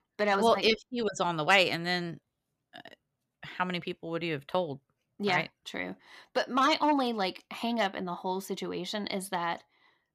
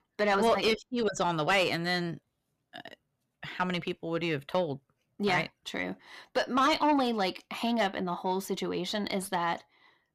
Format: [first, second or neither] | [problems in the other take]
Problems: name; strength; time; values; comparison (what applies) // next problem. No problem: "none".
first | distortion; slight; 10 dB below the speech